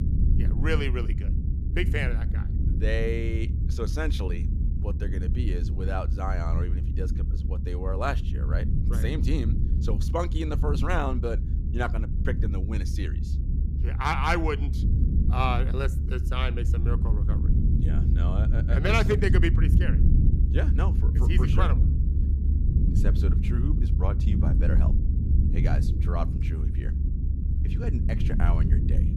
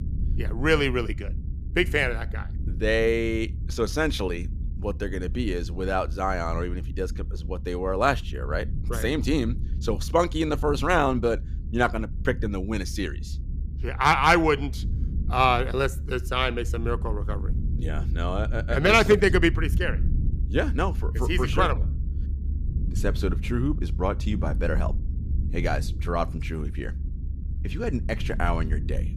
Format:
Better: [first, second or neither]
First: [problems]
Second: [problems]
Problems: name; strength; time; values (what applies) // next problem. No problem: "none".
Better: second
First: low rumble; loud; throughout; 8 dB below the speech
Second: low rumble; faint; throughout; 20 dB below the speech